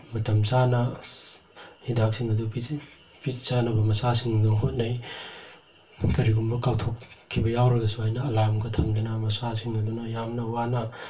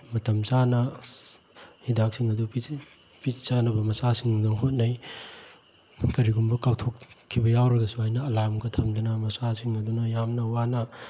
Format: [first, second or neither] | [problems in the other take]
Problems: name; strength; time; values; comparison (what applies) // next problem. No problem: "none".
second | room echo; dies away in 0.2 s